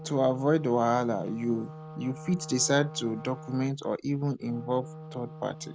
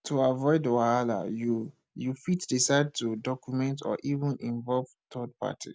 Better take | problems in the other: second | background sound (Wind instrument, woodwind instrument); 14 dB below the speech

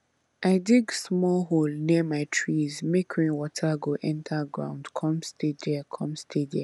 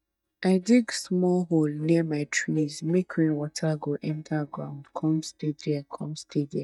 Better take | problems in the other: first | noise reduction (neural mask model DeepFilterNet 3)

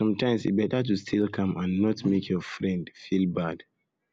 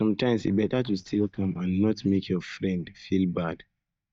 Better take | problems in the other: first | noise reduction (neural mask model DeepFilterNet 3)

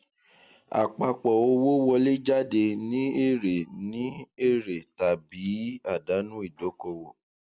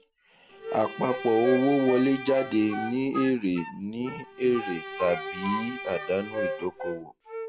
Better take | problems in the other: first | background sound (Bowed string instrument + Wind instrument, woodwind instrument); 8 dB below the speech

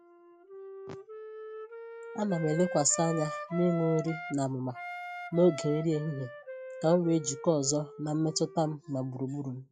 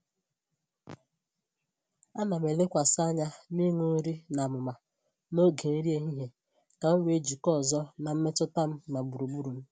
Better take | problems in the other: second | noise reduction (classical method log-MMSE)

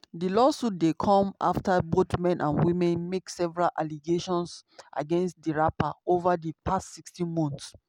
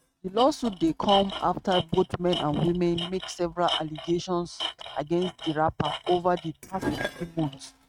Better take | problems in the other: first | noise reduction (neural mask model RNNoise)

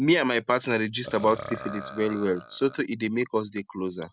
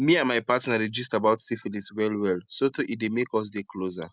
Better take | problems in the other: second | background sound (Burping, eructation); 15 dB below the speech

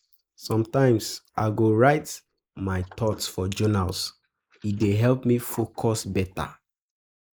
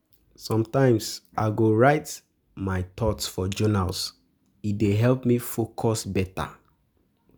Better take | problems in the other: second | noise reduction (neural mask model Resemble Enhance denoiser)

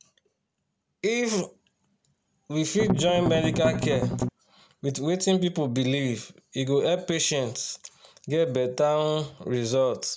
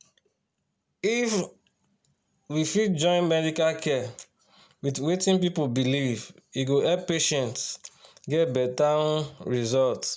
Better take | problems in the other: second | background sound (Strum); 1 dB below the speech

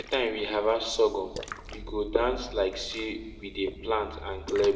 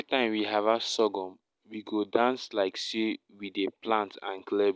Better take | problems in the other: second | background sound (Splash, splatter); 13 dB below the speech // room echo; dies away in 1.3 s

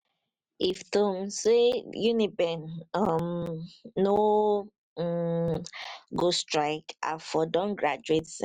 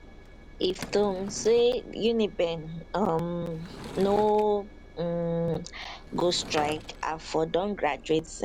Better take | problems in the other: first | background sound (Engine + Sliding door / Wood); 15 dB below the speech

